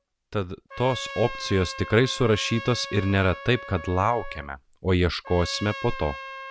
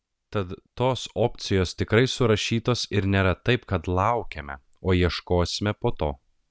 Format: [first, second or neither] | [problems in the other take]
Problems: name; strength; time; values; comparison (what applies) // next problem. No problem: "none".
second | background sound (Trumpet); 13 dB below the speech